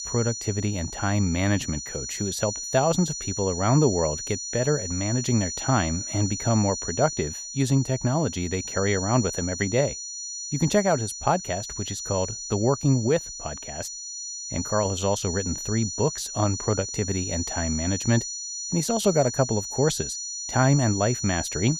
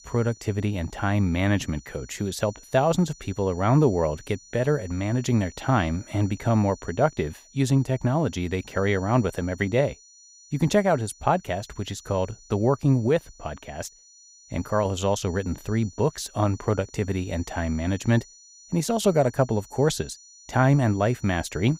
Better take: second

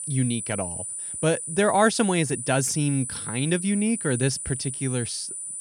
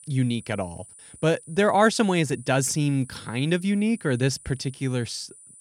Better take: second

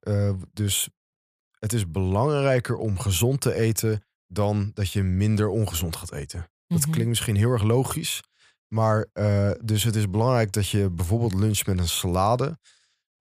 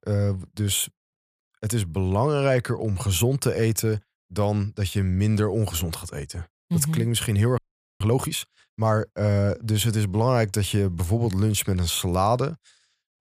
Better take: first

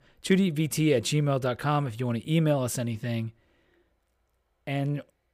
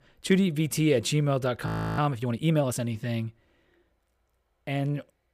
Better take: first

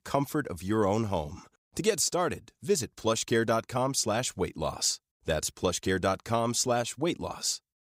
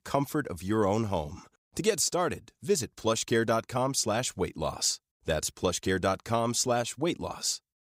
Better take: neither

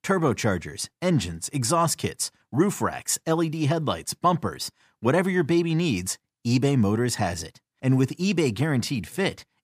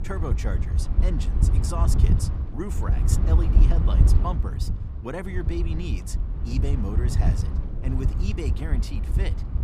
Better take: first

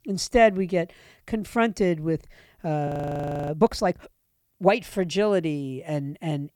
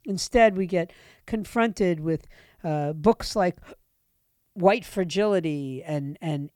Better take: second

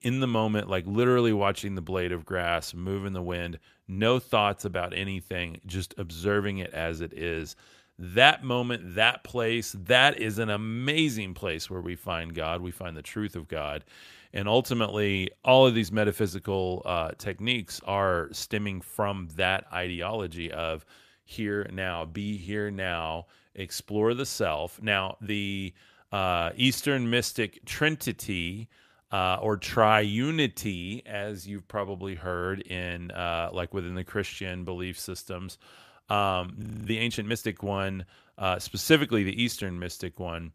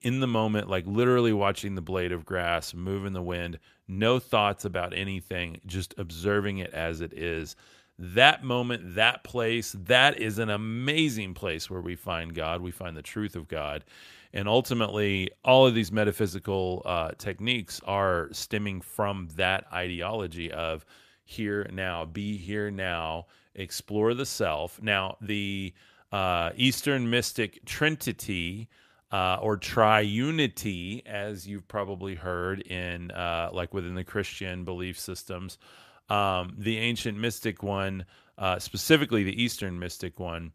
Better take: second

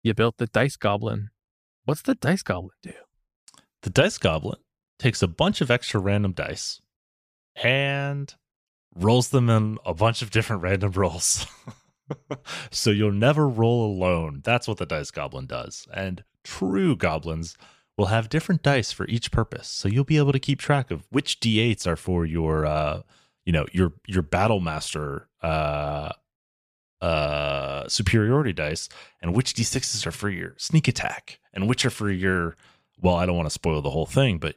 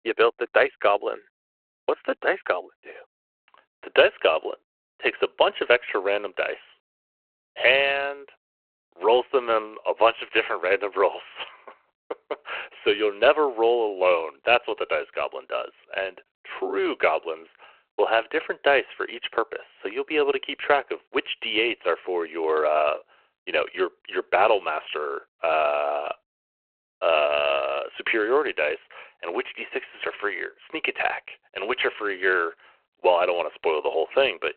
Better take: first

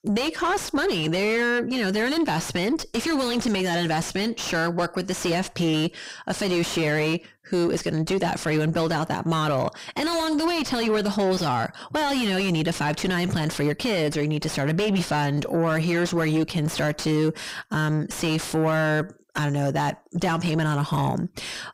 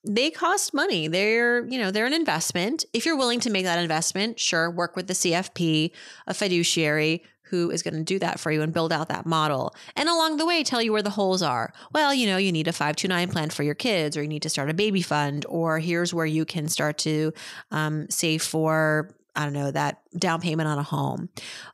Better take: second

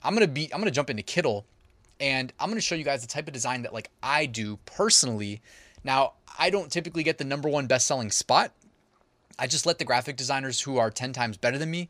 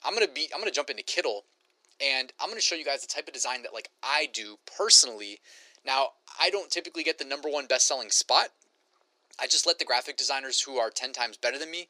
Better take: first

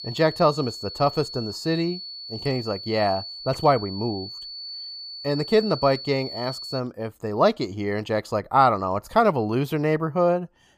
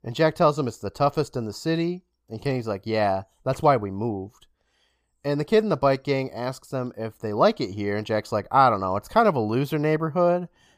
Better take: second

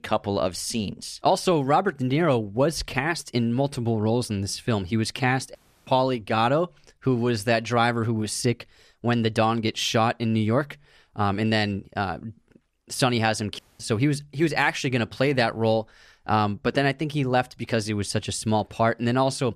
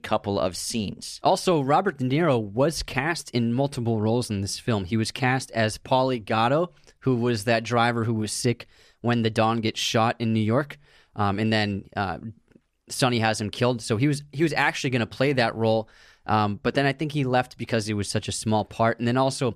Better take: second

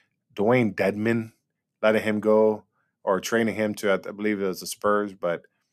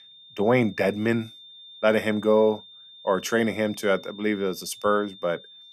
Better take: first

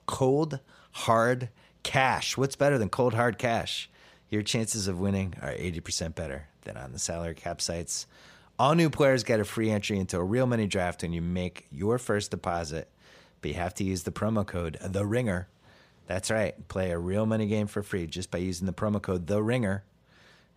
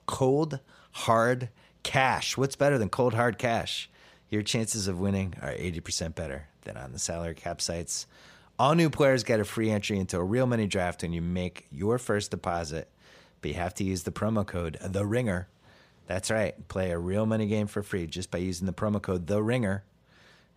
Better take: neither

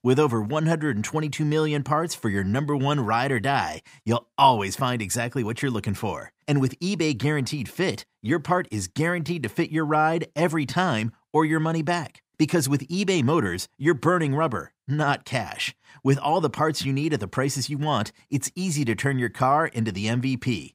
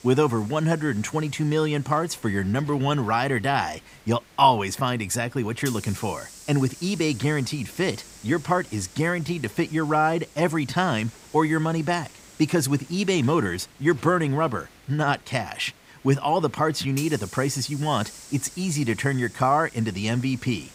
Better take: first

